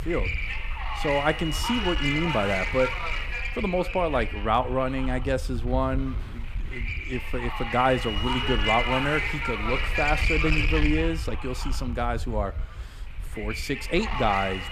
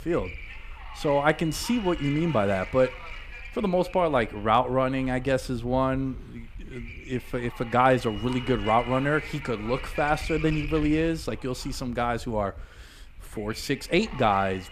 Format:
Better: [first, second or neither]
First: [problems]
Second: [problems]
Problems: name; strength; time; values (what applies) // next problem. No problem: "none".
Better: second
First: wind noise on the microphone; heavy; 1 dB below the speech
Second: wind noise on the microphone; occasional gusts; 15 dB below the speech